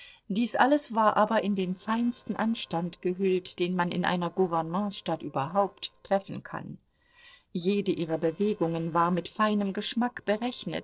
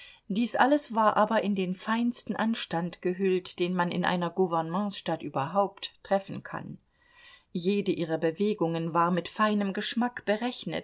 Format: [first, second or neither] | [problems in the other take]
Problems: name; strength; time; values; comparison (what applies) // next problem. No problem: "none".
second | noise reduction (neural separator model SepFormer DNS4)